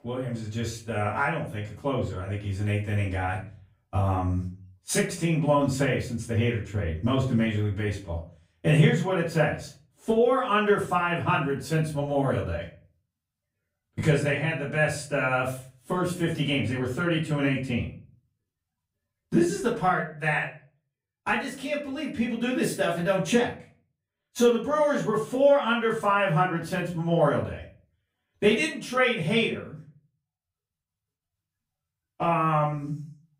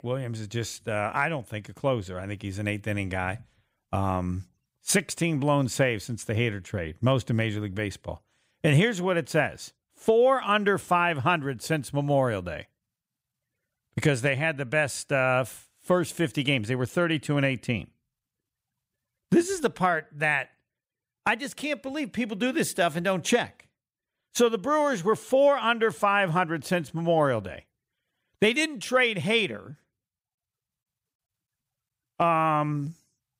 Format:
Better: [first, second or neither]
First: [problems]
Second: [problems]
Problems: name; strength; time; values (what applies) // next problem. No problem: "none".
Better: second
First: off-mic speech; far // room echo; slight; dies away in 0.4 s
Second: none